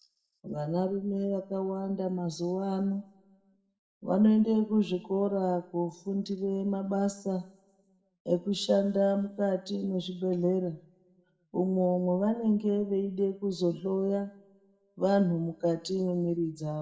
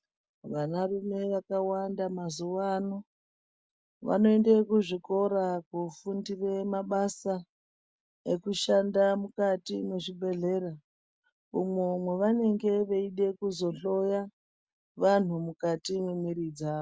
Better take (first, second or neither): second